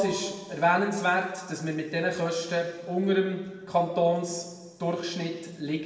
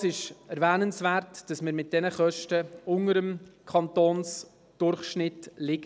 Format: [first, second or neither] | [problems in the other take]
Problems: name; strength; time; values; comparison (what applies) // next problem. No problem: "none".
second | room echo; dies away in 1.2 s